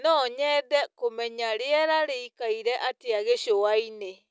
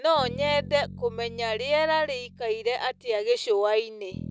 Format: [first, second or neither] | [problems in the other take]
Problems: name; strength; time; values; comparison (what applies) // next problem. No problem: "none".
first | background sound (Bass guitar); 15 dB below the speech